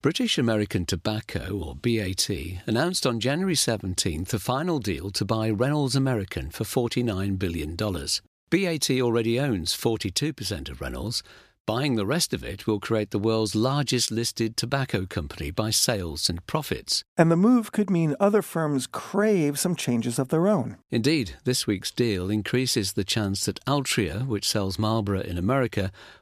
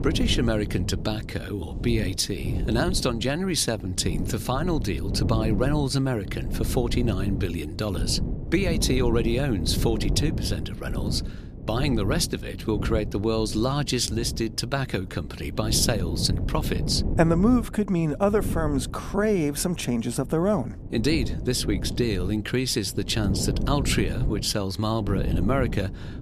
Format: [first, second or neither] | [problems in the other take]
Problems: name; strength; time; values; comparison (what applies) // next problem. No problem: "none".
first | wind noise on the microphone; occasional gusts; 10 dB below the speech